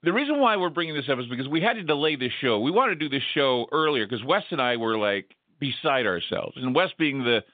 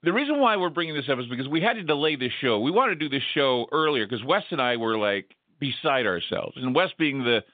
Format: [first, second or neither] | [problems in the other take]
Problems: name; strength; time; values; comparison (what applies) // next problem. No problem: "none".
neither | phone-call audio; nothing above 3.5 kHz; the same in both